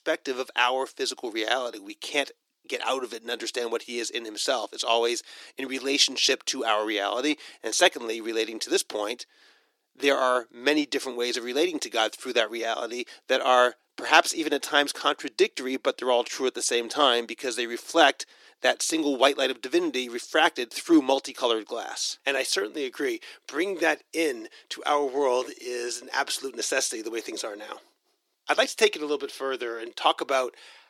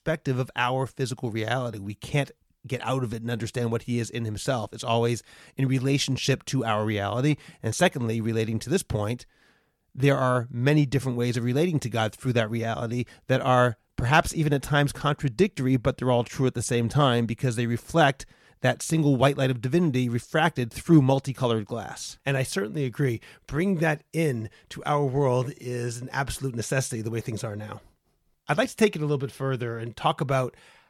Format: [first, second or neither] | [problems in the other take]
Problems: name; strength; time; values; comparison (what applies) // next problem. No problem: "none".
second | thin; somewhat; fading below 300 Hz